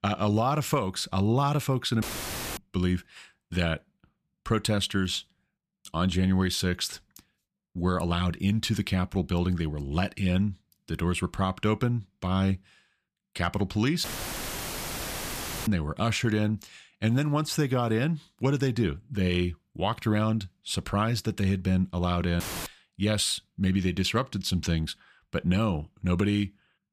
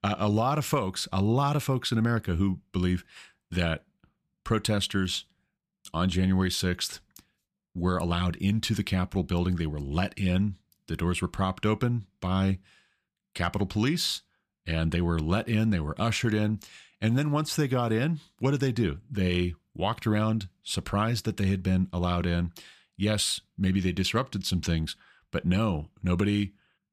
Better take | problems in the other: second | audio cutting out; filled with static; at 2 s for 0.5 s, at 14 s for 1.5 s and at 22 s

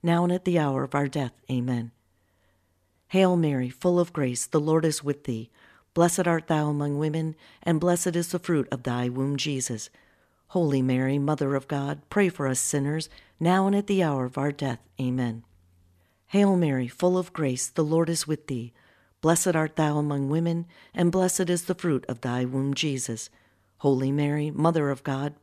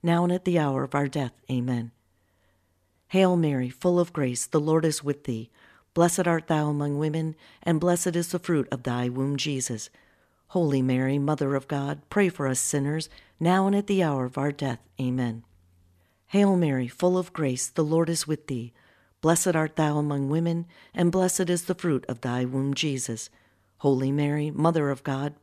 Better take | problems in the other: neither | none

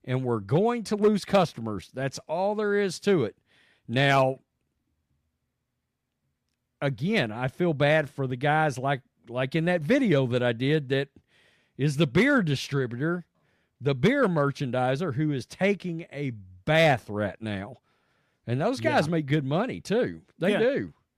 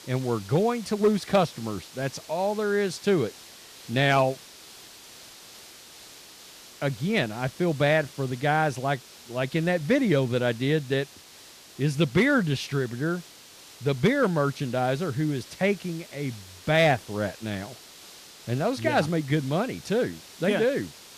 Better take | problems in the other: first | hiss; noticeable; throughout; 20 dB below the speech

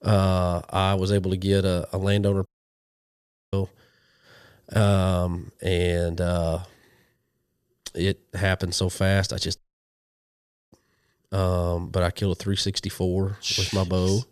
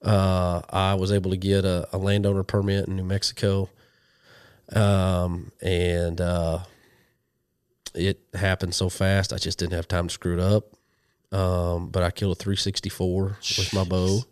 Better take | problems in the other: second | audio cutting out; at 2.5 s for 1 s and at 9.5 s for 1 s

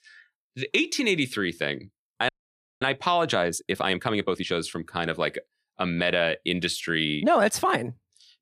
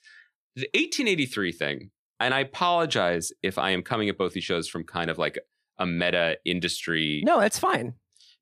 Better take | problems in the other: second | audio freezing; at 2.5 s for 0.5 s

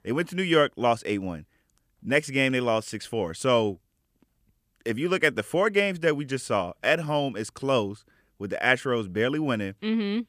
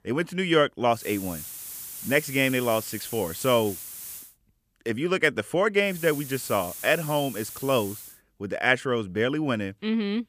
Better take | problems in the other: first | hiss; noticeable; from 1 to 4 s and from 6 to 8 s; 10 dB below the speech

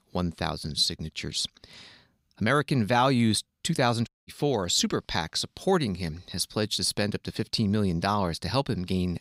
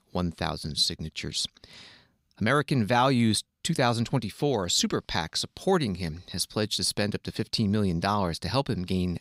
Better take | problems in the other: second | audio cutting out; at 4 s

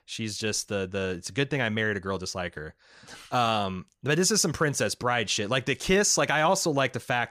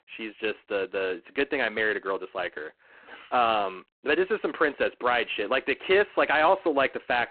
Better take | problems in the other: first | phone-call audio; poor line

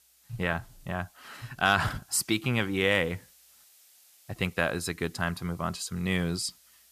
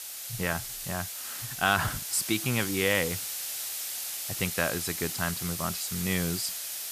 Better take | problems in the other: first | hiss; loud; throughout; 3 dB below the speech; faint in the first

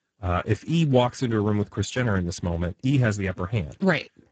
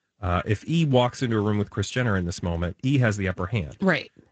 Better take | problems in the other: second | garbled, watery; badly; nothing above 7.5 kHz; slightly in the second

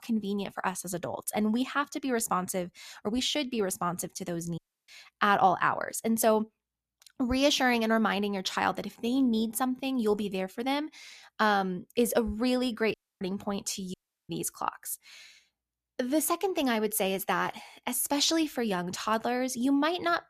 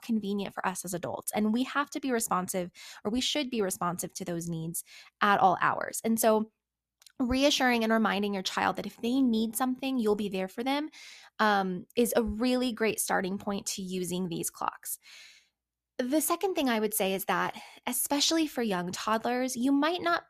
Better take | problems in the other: second | audio cutting out; at 4.5 s, at 13 s and at 14 s

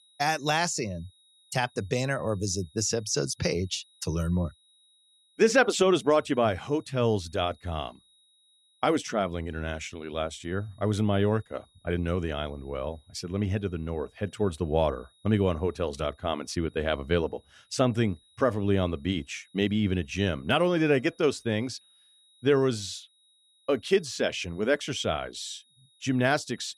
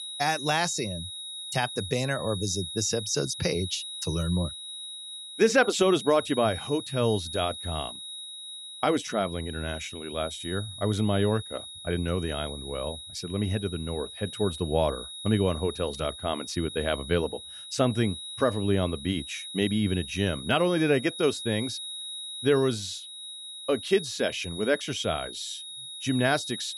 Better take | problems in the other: first | high-pitched whine; loud; throughout; 4 kHz, 9 dB below the speech; faint in the first

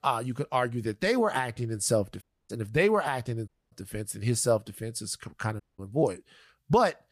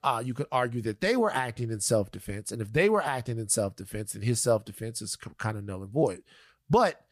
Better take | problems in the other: second | audio cutting out; at 2 s, at 3.5 s and at 5.5 s

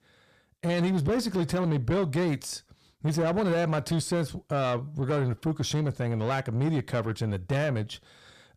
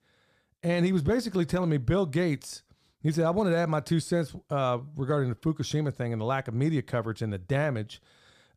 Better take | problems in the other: second | distortion; slight; 10 dB below the speech

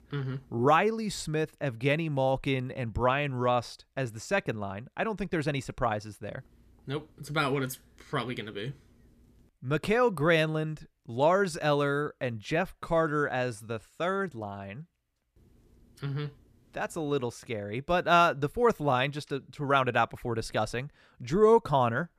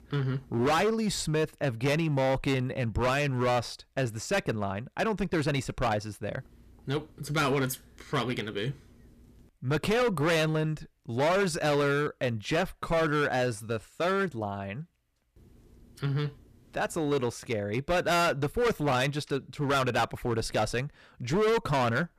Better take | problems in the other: first | distortion; heavy; 12% of the sound clipped

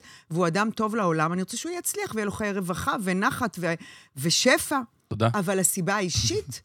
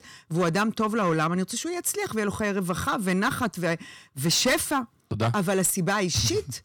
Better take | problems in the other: first | distortion; slight; 6% of the sound clipped

